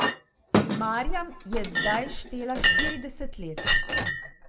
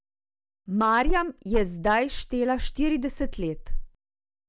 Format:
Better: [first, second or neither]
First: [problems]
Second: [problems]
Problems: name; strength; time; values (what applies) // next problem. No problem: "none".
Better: second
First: background sound (Chink, clink); 3 dB above the speech // room echo; dies away in 1.1 s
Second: none